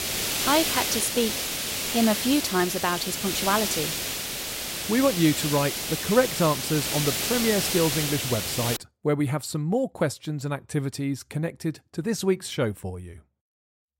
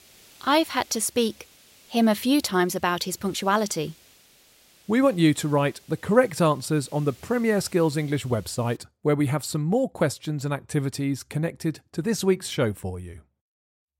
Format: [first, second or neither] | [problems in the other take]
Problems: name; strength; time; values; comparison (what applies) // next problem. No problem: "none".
second | hiss; loud; until 9 s; 1 dB below the speech; faint in the second